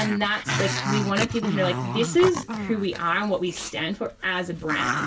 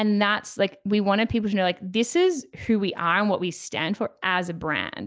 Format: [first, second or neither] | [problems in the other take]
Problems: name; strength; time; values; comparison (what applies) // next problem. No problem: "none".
second | background sound (Growling); 4 dB below the speech // room echo; dies away in 0.1 s